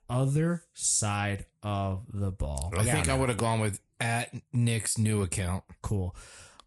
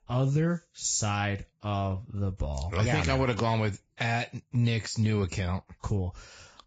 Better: first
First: garbled, watery; slightly; nothing above 10.5 kHz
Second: garbled, watery; badly; nothing above 7.5 kHz

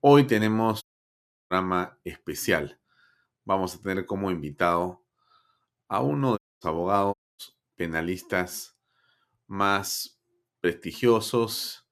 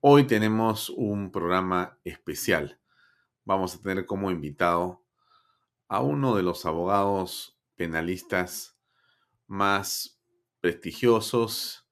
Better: second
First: audio cutting out; at 1 s for 0.5 s, at 6.5 s and at 7 s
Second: none

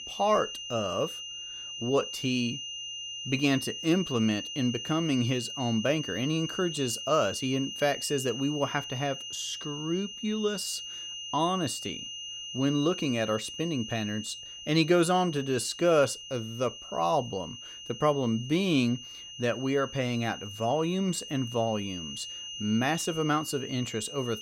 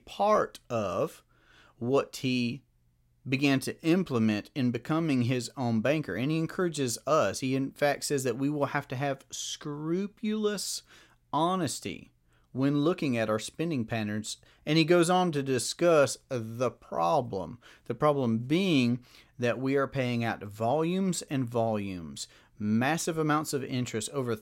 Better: second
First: high-pitched whine; loud; throughout; 3 kHz, 8 dB below the speech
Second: none

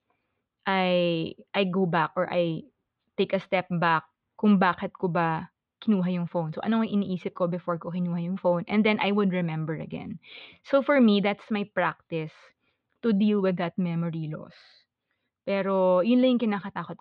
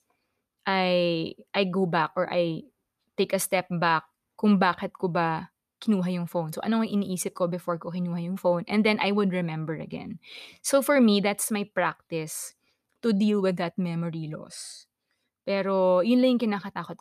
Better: second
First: muffled; slightly; fading above 3.5 kHz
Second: none

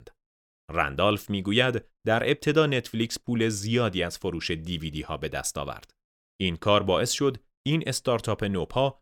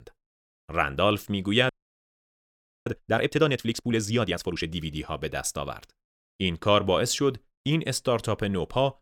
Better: first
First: none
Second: audio freezing; at 1.5 s for 1 s

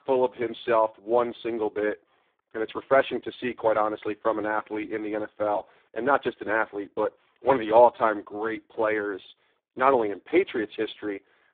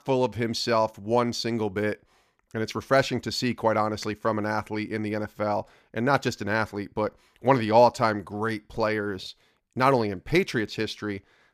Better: second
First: phone-call audio; poor line; nothing above 3.5 kHz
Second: none

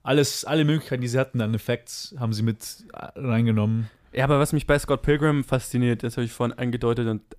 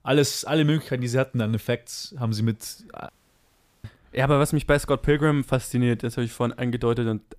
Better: first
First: none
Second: audio cutting out; at 3 s for 1 s

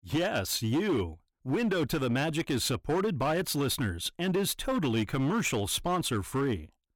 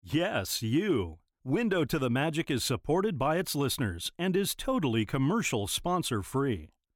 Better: second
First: distortion; slight; 11% of the sound clipped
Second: none

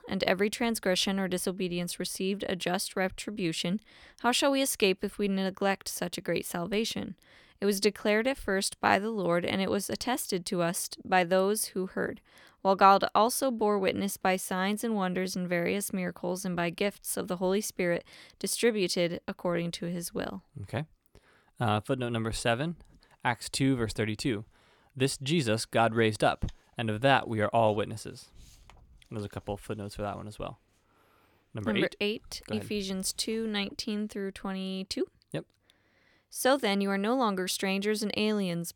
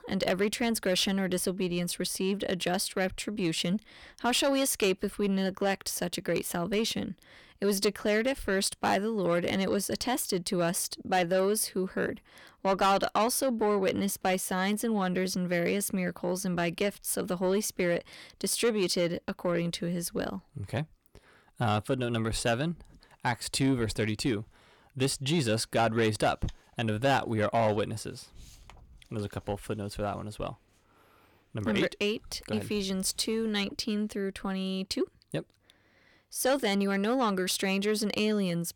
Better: first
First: none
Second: distortion; slight; 10 dB below the speech

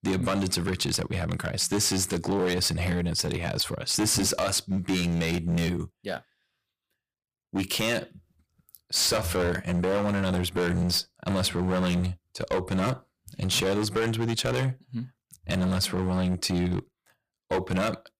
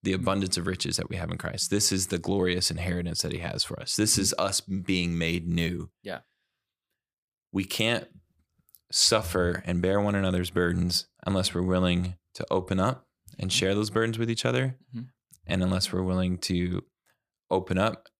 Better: second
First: distortion; heavy; 13% of the sound clipped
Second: none

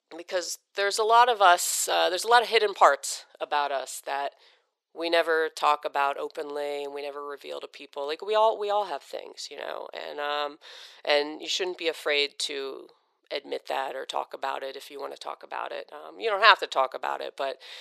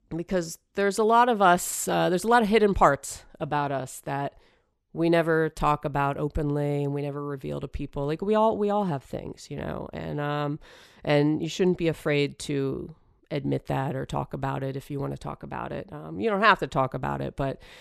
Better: second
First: thin; very; fading below 450 Hz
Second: none

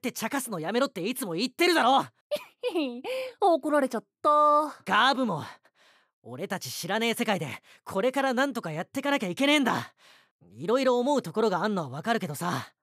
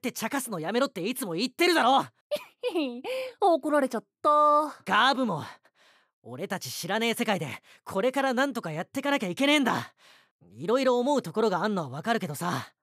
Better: neither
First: none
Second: none

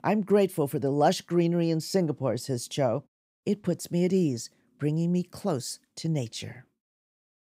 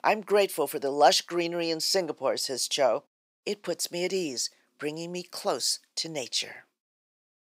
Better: first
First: none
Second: thin; very; fading below 550 Hz

